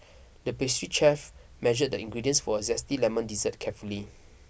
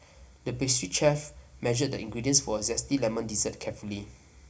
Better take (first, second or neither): first